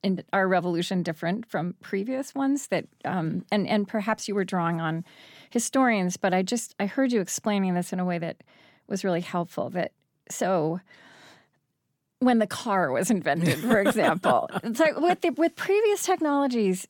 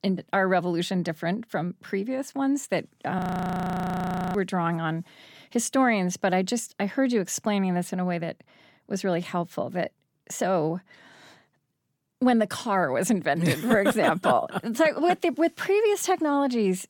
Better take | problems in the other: first | audio freezing; at 3 s for 1 s

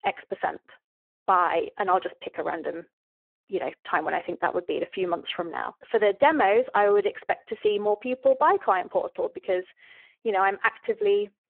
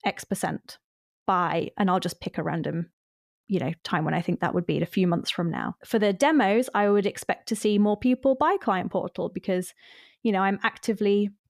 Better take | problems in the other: second | phone-call audio; poor line

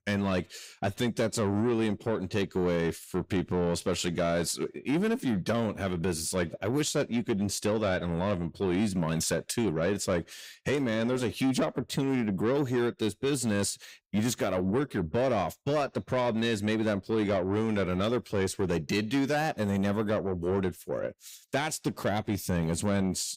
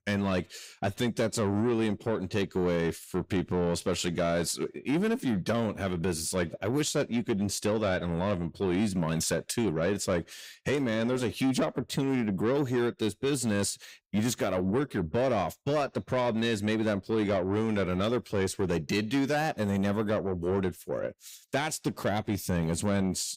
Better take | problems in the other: neither | distortion; slight; 10 dB below the speech; the same in both

